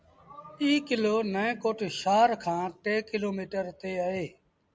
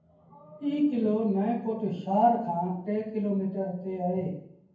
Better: first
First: none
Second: room echo; dies away in 0.9 s

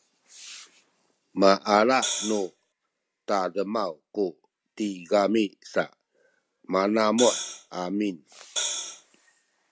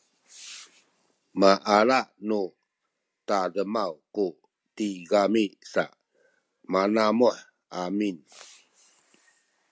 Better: second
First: background sound (Hi-hat); 5 dB below the speech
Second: none

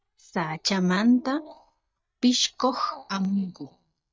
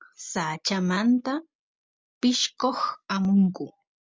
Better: second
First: noise reduction (neural mask model DeepFilterNet 3)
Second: none

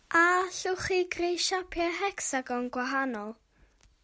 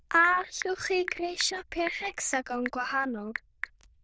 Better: first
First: none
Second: noise reduction (neural diffusion model UNIVERSE++)

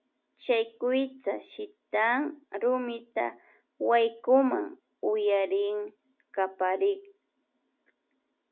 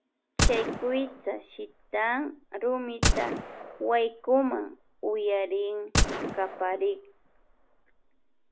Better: first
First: none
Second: background sound (Gunshot, gunfire); 1 dB below the speech

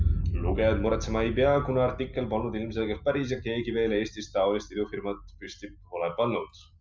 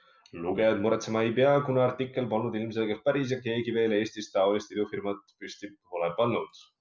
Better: second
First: background sound (Boom); 6 dB below the speech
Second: none

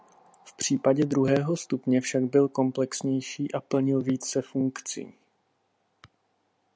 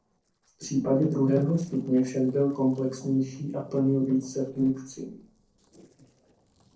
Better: first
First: none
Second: noise reduction (neural separator model SepFormer DNS4)

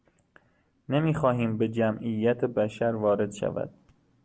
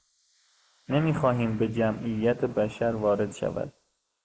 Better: first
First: none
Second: noise reduction (neural mask model Resemble Enhance denoiser)

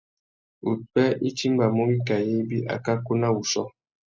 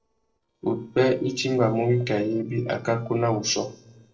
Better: first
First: none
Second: noise reduction (neural separator model SepFormer DNS4)

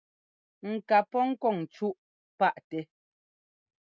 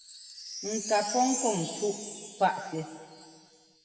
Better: first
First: none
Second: background sound (Wind chime); 8 dB below the speech // room echo; dies away in 2 s

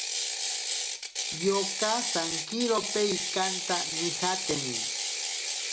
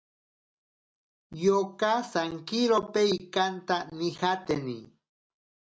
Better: second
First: background sound (Ratchet, pawl); 1 dB above the speech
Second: none

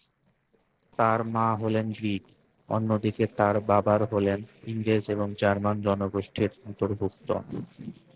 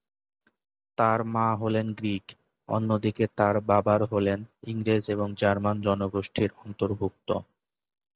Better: second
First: noise reduction (neural separator model SepFormer DNS4)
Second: none

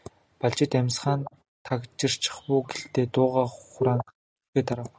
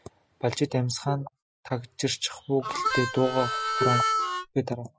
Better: first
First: none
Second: noise reduction (classical method Wiener filter)

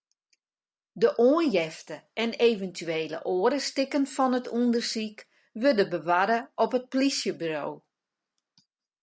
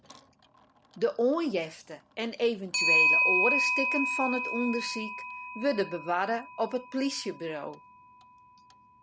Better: first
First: none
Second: background sound (Clock); as loud as the speech

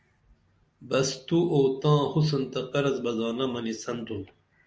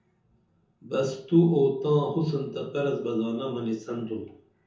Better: first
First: none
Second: room echo; dies away in 0.6 s

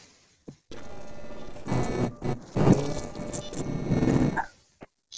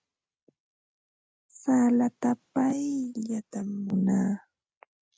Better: second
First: noise reduction (neural separator model SepFormer DNS4)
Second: none

